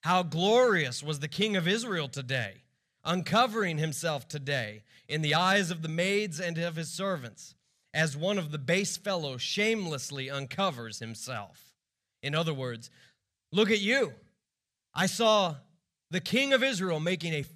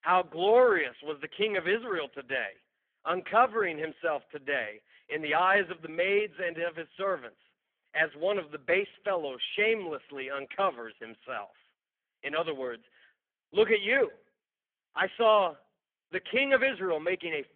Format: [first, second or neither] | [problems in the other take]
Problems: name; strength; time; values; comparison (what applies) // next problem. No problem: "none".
first | phone-call audio; poor line